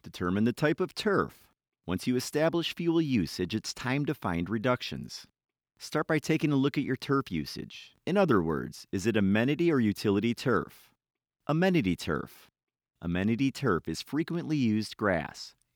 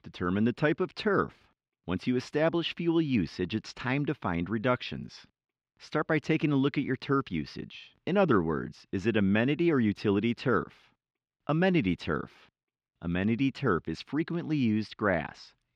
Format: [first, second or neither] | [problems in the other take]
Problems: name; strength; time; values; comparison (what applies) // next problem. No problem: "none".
first | muffled; very slightly; fading above 3 kHz